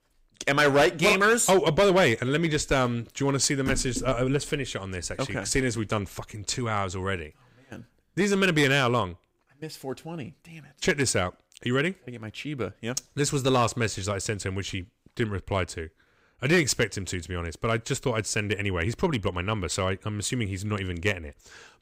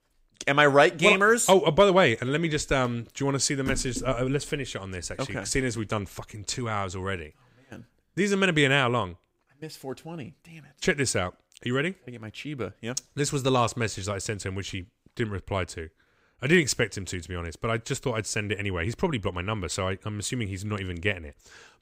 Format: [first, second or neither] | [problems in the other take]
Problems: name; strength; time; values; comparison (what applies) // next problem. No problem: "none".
second | distortion; slight; 3% of the sound clipped